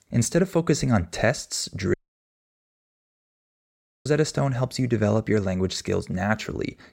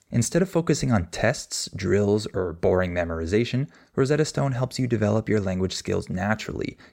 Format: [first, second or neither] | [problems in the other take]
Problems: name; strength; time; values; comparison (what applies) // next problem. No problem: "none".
second | audio cutting out; at 2 s for 2 s